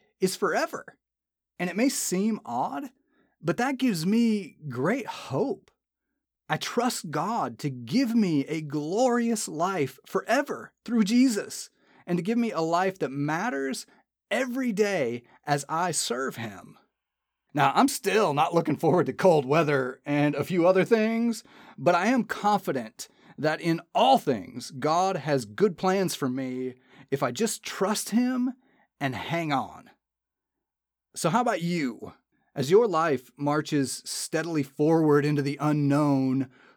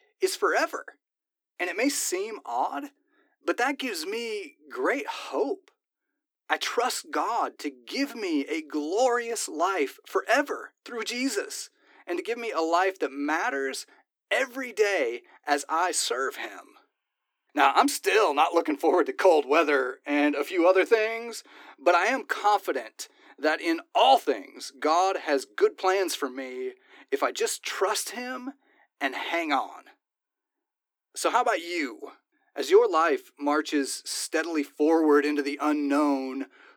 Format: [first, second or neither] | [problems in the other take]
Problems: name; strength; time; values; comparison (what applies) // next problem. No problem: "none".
first | thin; somewhat; fading below 300 Hz